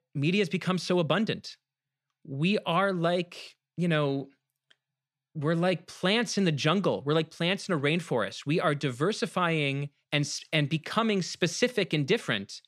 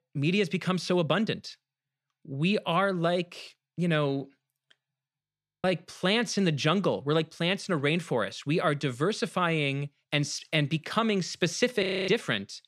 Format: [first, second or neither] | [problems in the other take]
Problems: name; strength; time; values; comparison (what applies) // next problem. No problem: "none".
first | audio freezing; at 5 s and at 12 s